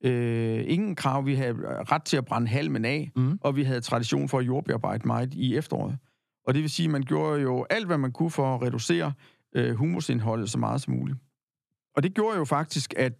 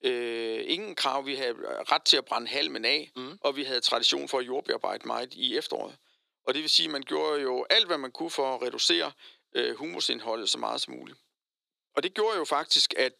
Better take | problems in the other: first | thin; very; fading below 400 Hz

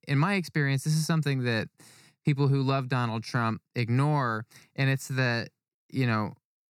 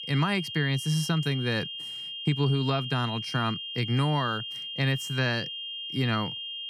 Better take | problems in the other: first | high-pitched whine; loud; throughout; 3 kHz, 6 dB below the speech

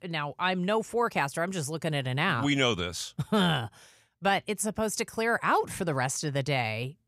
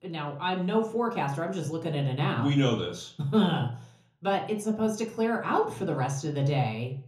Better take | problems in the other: first | room echo; slight; dies away in 0.5 s // off-mic speech; somewhat distant

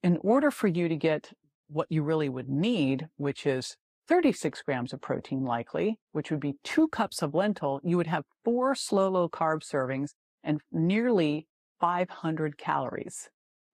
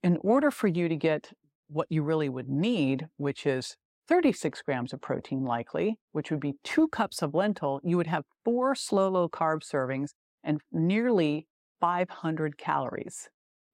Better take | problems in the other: second | garbled, watery; slightly; nothing above 14.5 kHz

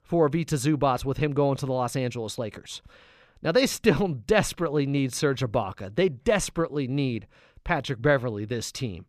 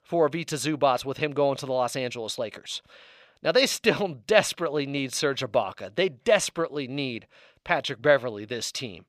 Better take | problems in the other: first | thin; somewhat; fading below 300 Hz

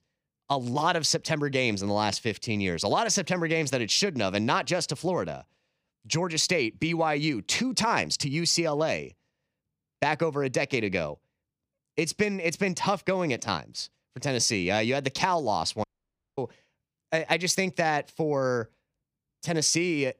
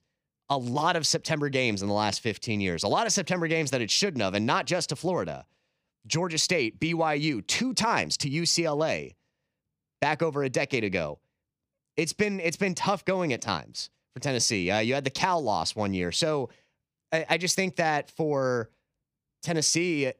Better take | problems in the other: second | audio cutting out; at 16 s for 0.5 s

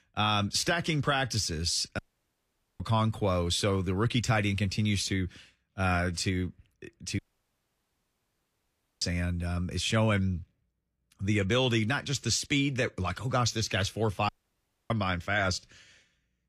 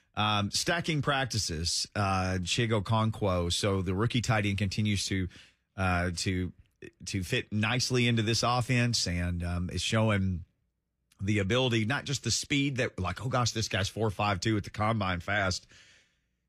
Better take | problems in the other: second | audio cutting out; at 2 s for 1 s, at 7 s for 2 s and at 14 s for 0.5 s

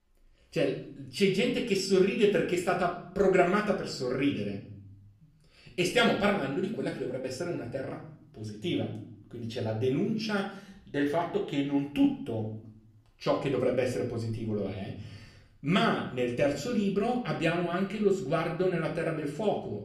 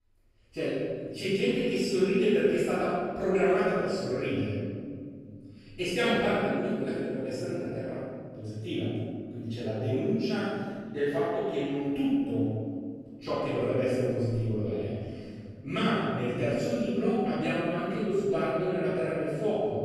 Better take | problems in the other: first | room echo; strong; dies away in 2.3 s; slight in the first // off-mic speech; far; far in the first

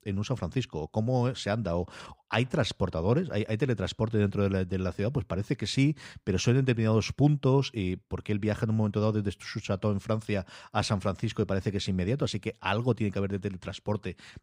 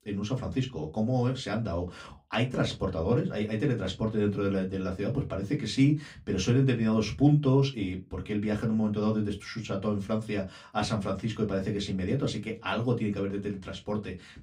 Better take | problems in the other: first | off-mic speech; far // room echo; very slight; dies away in 0.2 s

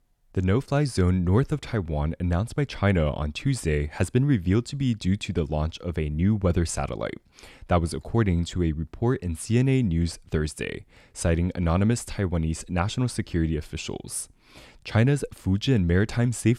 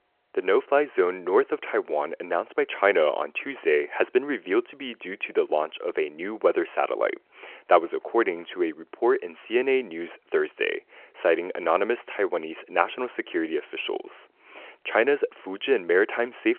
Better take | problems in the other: first | phone-call audio

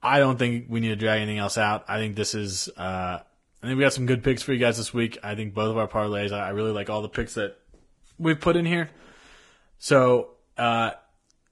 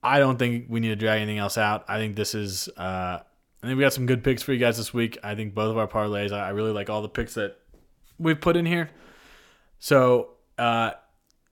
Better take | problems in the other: second | garbled, watery; badly; nothing above 11 kHz

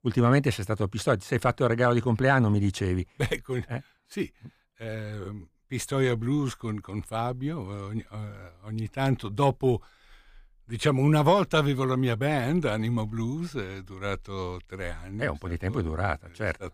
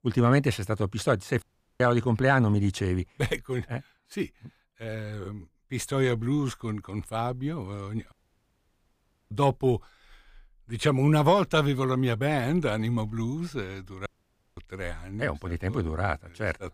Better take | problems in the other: first | audio cutting out; at 1.5 s, at 8 s for 1 s and at 14 s for 0.5 s

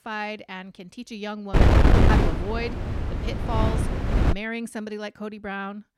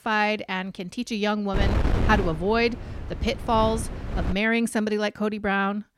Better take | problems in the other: second | wind noise on the microphone; heavy; from 1.5 to 4.5 s; 4 dB above the speech; occasional gusts in the second

